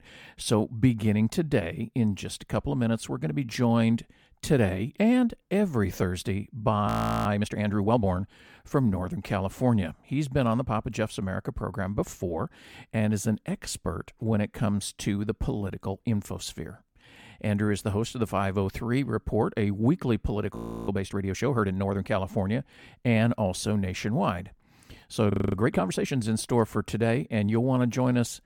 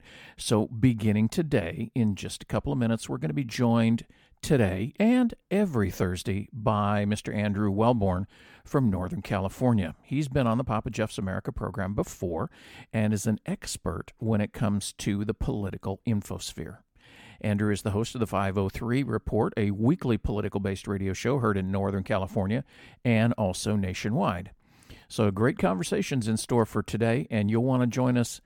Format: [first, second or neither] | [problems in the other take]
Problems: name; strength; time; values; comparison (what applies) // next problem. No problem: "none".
second | audio freezing; at 7 s, at 21 s and at 25 s